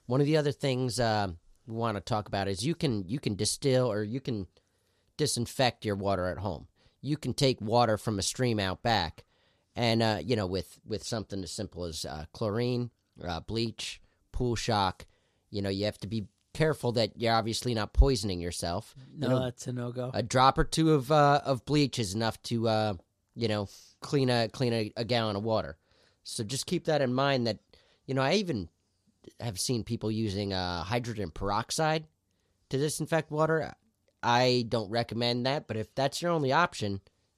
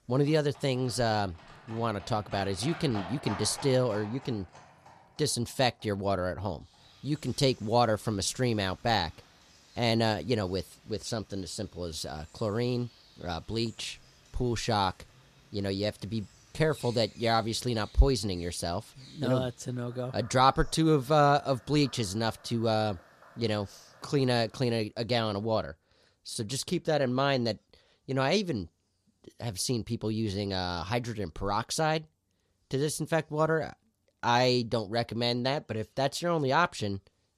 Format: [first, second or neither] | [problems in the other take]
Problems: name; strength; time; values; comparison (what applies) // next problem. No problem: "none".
first | animal sounds; faint; until 24 s; 20 dB below the speech